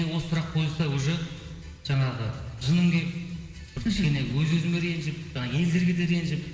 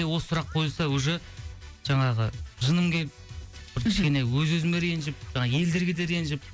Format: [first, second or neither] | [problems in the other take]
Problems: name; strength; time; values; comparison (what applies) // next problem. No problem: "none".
second | room echo; dies away in 2.1 s